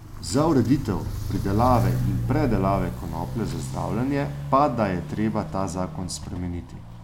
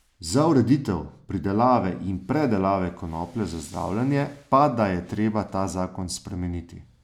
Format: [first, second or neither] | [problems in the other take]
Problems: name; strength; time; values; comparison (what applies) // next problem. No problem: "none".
second | background sound (Walk, footsteps); 5 dB below the speech